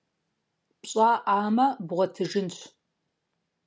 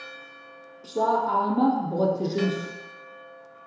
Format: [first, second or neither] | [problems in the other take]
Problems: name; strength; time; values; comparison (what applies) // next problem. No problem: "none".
first | background sound (Church bell); 17 dB below the speech // room echo; dies away in 1 s